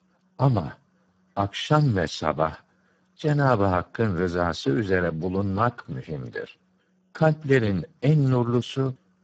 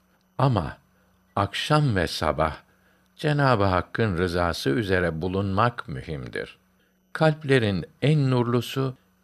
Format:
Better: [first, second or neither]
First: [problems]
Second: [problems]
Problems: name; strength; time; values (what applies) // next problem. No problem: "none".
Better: second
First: garbled, watery; badly; nothing above 7.5 kHz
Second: none